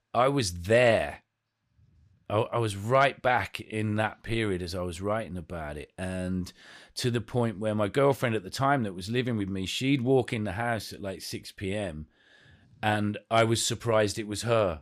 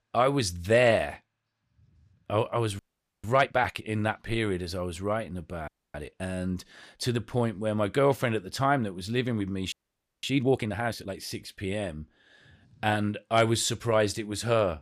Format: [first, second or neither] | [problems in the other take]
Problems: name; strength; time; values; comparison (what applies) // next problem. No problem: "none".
first | audio freezing; at 3 s, at 5.5 s and at 9.5 s for 0.5 s